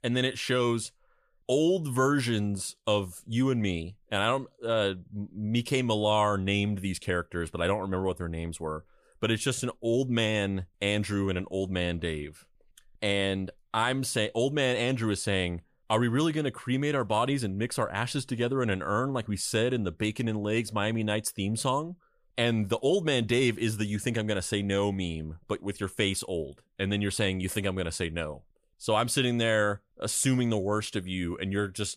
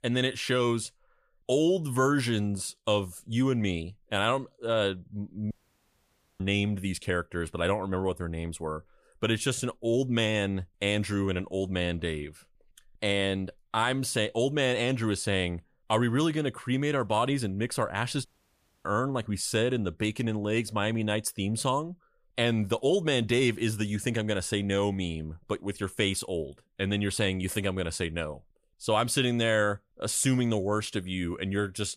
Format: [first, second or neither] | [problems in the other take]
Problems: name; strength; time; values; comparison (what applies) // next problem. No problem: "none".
first | audio cutting out; at 5.5 s for 1 s and at 18 s for 0.5 s